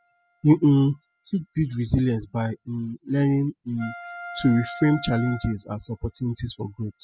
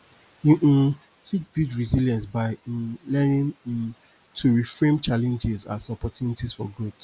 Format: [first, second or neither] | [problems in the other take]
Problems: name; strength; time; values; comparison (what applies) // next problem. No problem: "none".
second | noise reduction (classical method spectral subtraction)